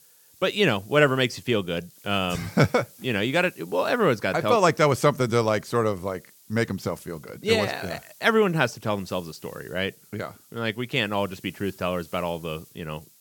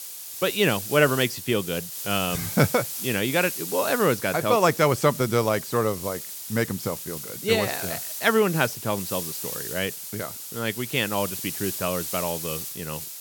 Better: first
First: hiss; faint; throughout; 25 dB below the speech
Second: hiss; loud; throughout; 7 dB below the speech

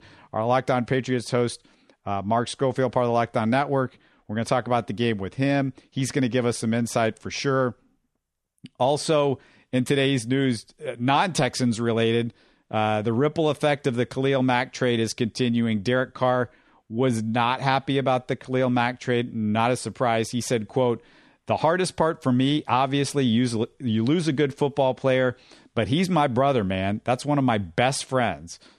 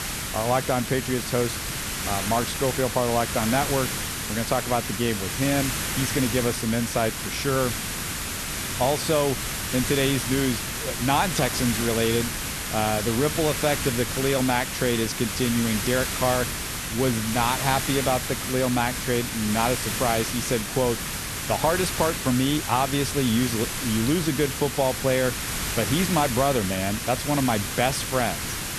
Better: first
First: none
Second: hiss; loud; throughout; 3 dB below the speech

